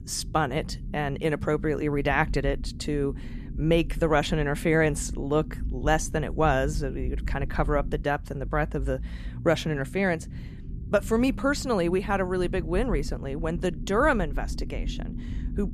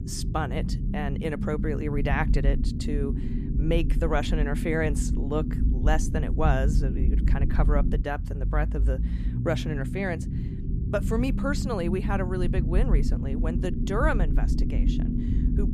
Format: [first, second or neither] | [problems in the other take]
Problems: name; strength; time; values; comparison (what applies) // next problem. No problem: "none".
first | low rumble; loud; throughout; 8 dB below the speech; faint in the first